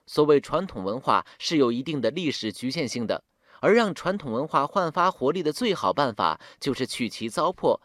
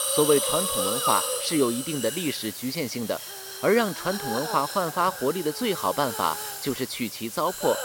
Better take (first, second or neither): first